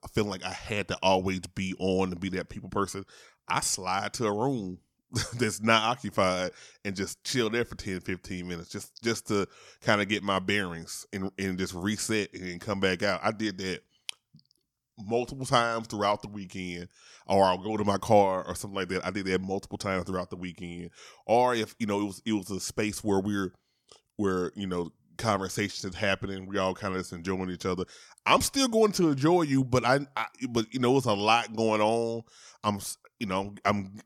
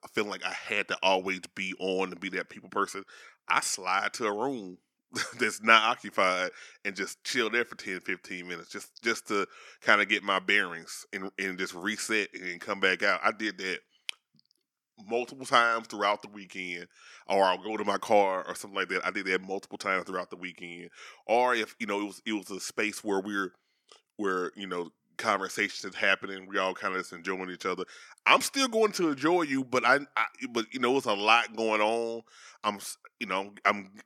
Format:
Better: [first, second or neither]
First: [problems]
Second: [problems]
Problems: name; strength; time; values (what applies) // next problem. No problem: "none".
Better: first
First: none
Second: thin; very slightly; fading below 300 Hz